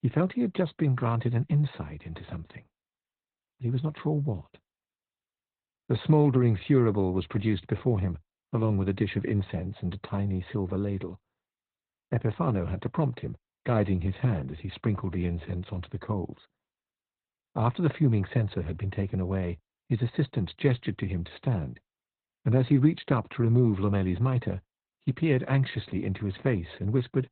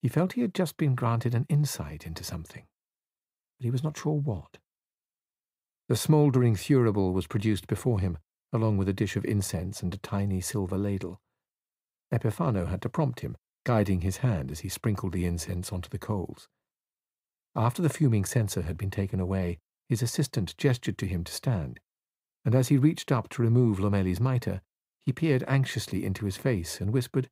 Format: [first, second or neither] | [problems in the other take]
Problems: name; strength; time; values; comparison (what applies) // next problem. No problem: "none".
second | garbled, watery; badly; nothing above 4 kHz